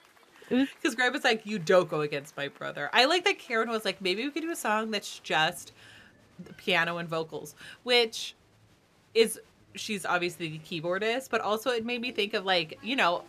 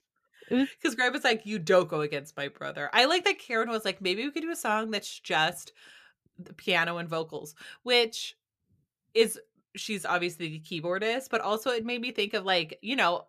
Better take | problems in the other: second | crowd noise; faint; throughout; 30 dB below the speech

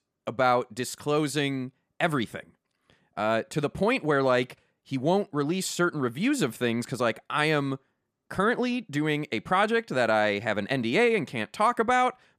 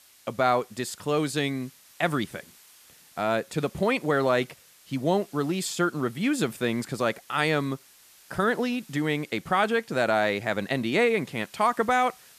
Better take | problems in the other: first | hiss; faint; throughout; 25 dB below the speech

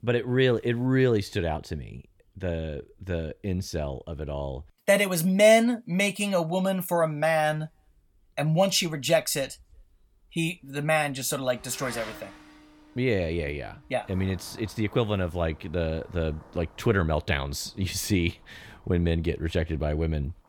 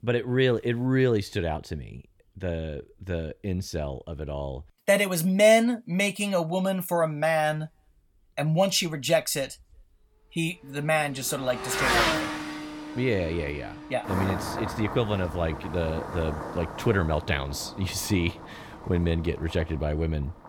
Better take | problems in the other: first | traffic noise; loud; from 11 s on; 6 dB below the speech; faint in the first

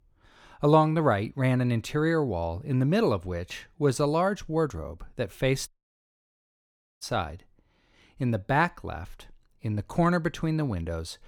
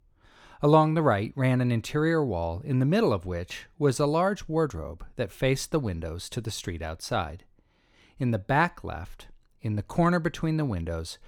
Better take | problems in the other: second | audio cutting out; at 5.5 s for 1.5 s

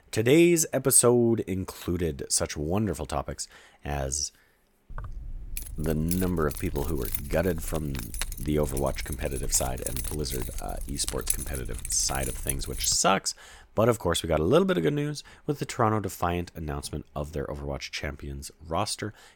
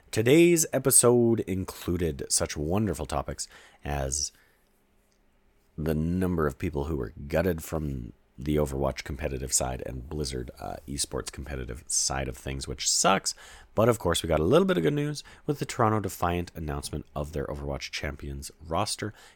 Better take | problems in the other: second | jangling keys; noticeable; from 5 to 13 s; peak 2 dB below the speech

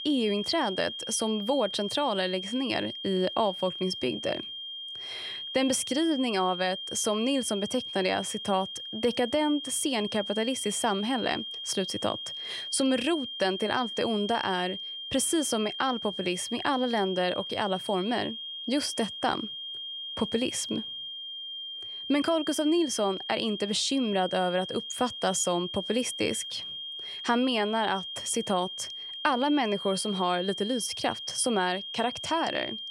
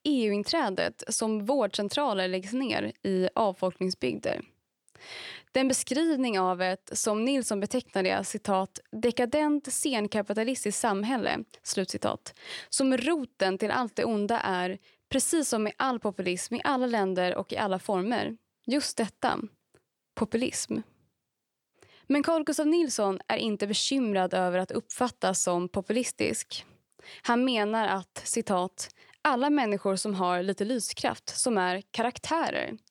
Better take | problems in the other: second | high-pitched whine; loud; throughout; 3 kHz, 7 dB below the speech

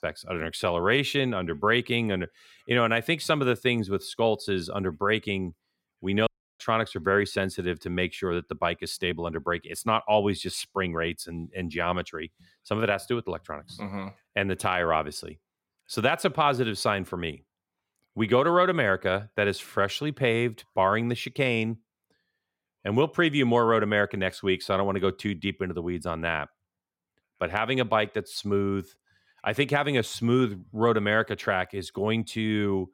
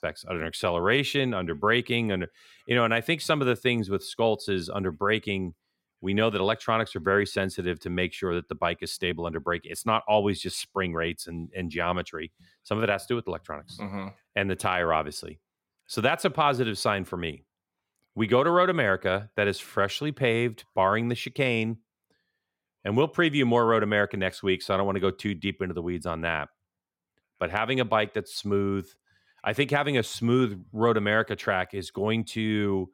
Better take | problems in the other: second | audio cutting out; at 6.5 s

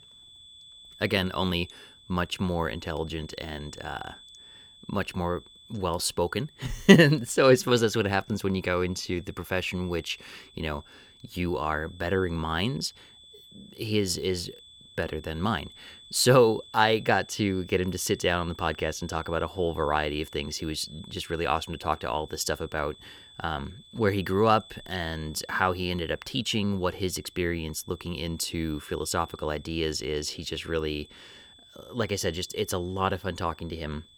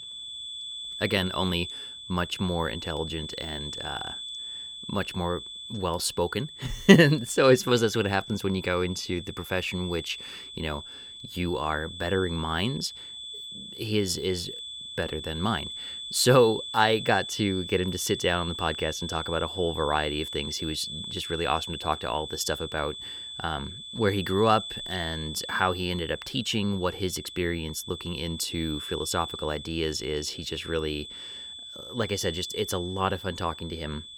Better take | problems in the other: first | high-pitched whine; loud; throughout; 3.5 kHz, 9 dB below the speech; faint in the first

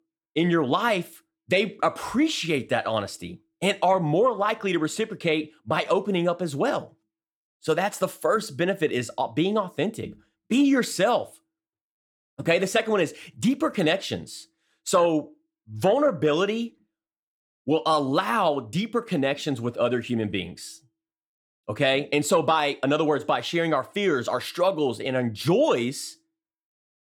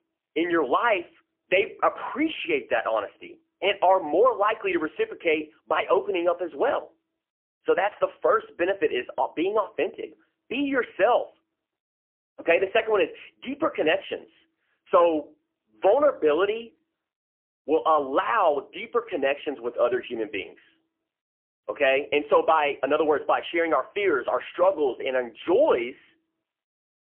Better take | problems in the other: first | phone-call audio; poor line; nothing above 3 kHz

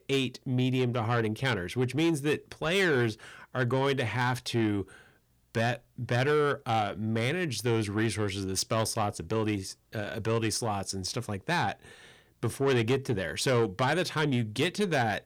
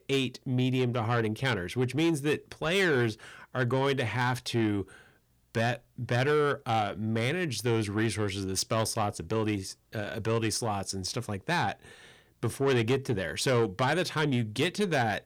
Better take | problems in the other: neither | distortion; slight; 10 dB below the speech; the same in both

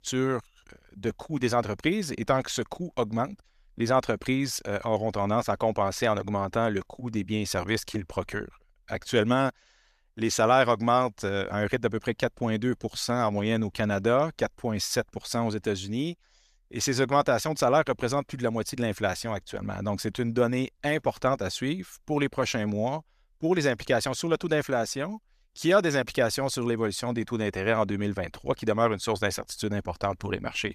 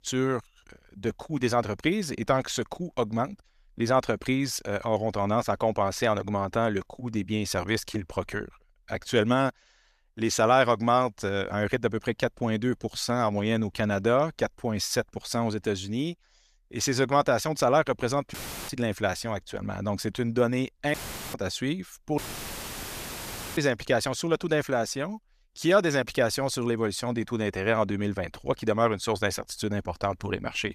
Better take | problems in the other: first | audio cutting out; filled with static; at 18 s, at 21 s and at 22 s for 1.5 s

